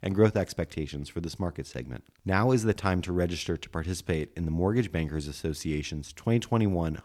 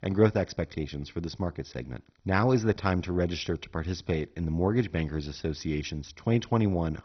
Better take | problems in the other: first | garbled, watery; badly; nothing above 6 kHz

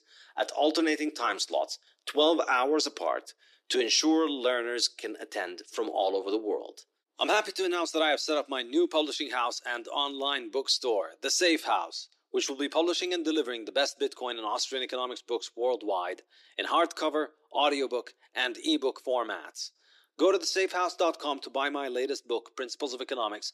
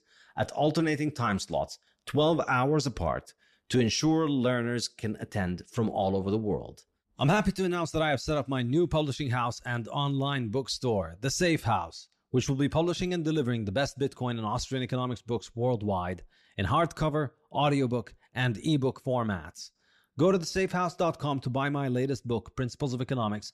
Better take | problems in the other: second | thin; somewhat; fading below 300 Hz

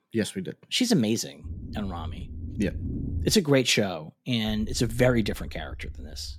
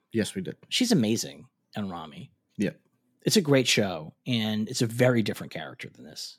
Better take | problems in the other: second | low rumble; noticeable; from 1.5 to 3.5 s and from 4.5 s on; 20 dB below the speech

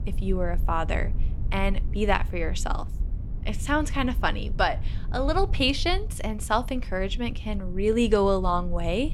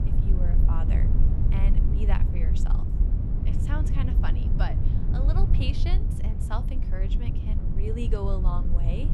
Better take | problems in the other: first | low rumble; loud; throughout; 2 dB below the speech; faint in the first

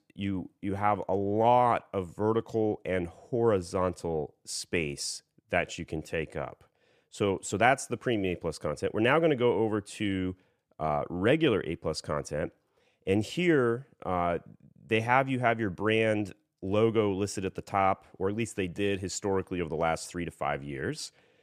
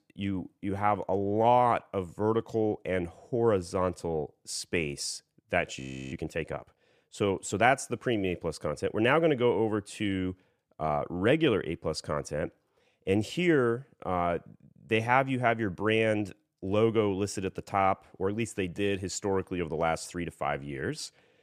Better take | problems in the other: first | audio freezing; at 6 s

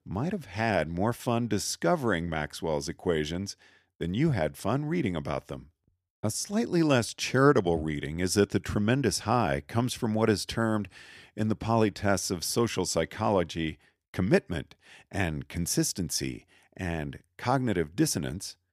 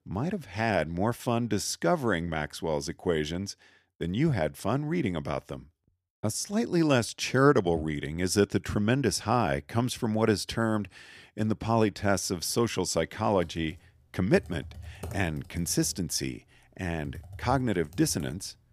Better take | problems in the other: first | keyboard typing; faint; from 13 s on; peak 15 dB below the speech

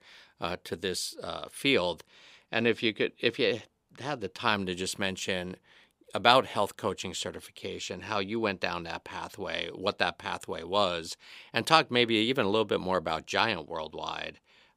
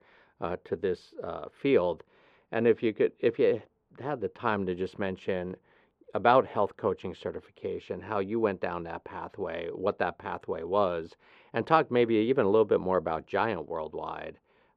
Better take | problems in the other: first | muffled; very; fading above 4 kHz

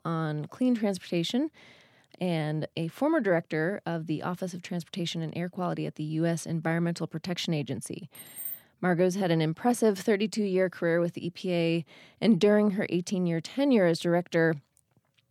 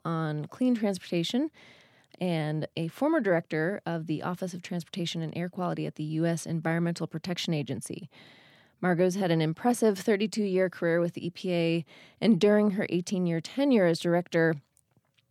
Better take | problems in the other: second | jangling keys; noticeable; at 8 s; peak 8 dB below the speech

